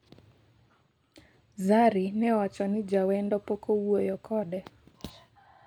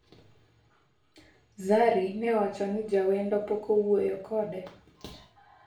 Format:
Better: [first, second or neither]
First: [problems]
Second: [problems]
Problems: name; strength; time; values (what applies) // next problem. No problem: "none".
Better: first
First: none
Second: room echo; dies away in 0.4 s